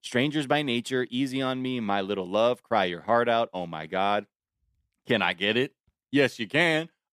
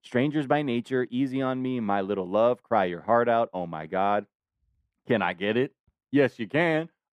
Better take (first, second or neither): first